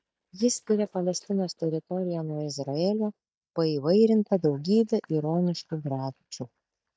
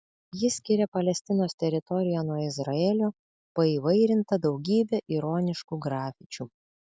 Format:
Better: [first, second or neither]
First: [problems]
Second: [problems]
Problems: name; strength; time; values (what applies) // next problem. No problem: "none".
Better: second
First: noise reduction (neural mask model DeepFilterNet 3)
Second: none